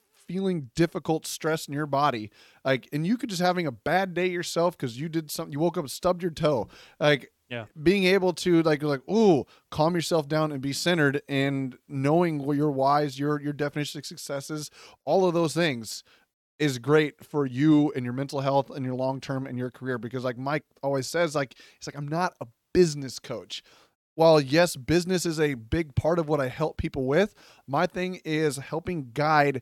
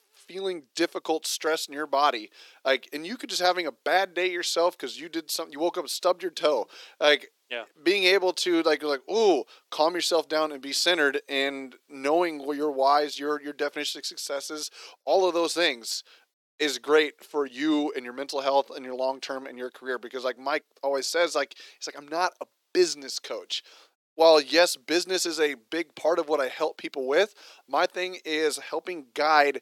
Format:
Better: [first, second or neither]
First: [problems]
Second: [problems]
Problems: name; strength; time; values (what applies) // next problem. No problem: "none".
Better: first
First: none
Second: thin; somewhat; fading below 350 Hz